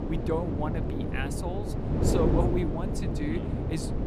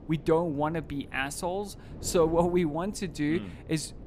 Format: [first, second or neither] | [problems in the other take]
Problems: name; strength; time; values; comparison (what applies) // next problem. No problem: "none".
second | wind noise on the microphone; heavy; 1 dB below the speech; occasional gusts in the second